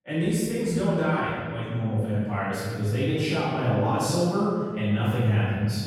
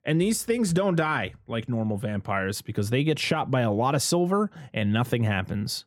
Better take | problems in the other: second | off-mic speech; far // room echo; strong; dies away in 1.5 s

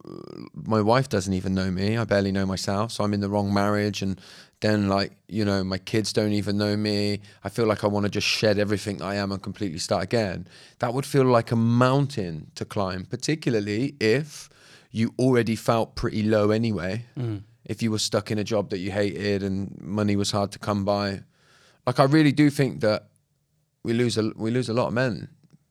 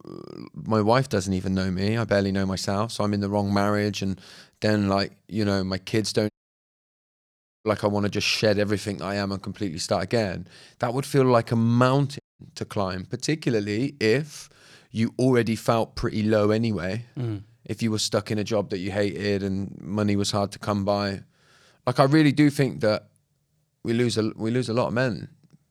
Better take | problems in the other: first | audio cutting out; at 6.5 s for 1.5 s and at 12 s

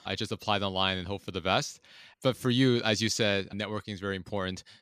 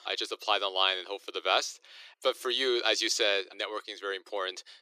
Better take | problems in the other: first | thin; very; fading below 350 Hz

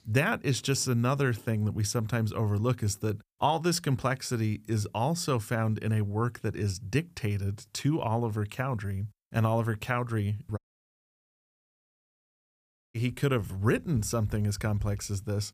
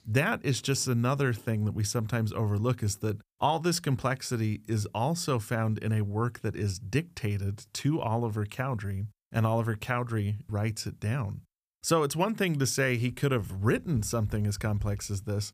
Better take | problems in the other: second | audio cutting out; at 11 s for 2.5 s

